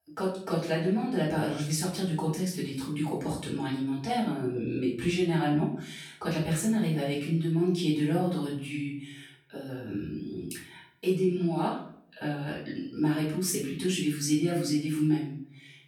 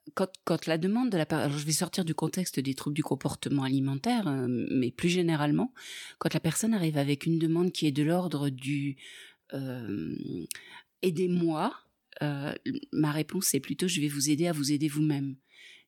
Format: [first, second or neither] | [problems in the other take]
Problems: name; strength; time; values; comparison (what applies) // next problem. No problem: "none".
second | room echo; noticeable; dies away in 0.5 s // off-mic speech; far